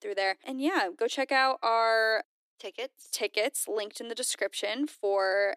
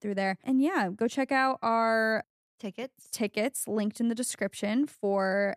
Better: second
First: thin; somewhat; fading below 300 Hz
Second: none

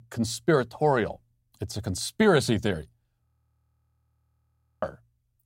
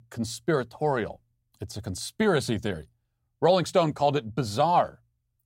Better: second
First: audio freezing; at 3.5 s for 1.5 s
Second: none

